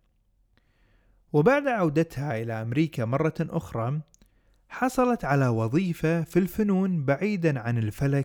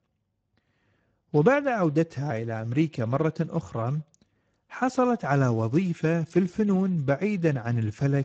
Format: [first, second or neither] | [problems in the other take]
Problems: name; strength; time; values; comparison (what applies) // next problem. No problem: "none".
first | garbled, watery; badly